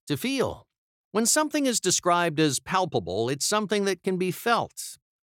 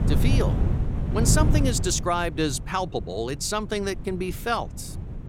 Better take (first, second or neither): first